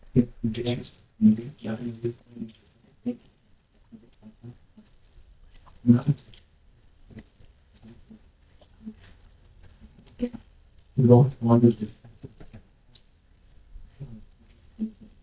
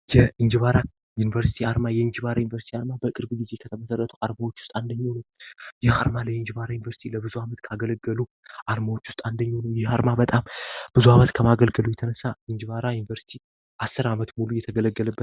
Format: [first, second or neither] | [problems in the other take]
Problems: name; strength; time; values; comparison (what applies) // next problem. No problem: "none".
second | noise reduction (neural mask model DeepFilterNet 3)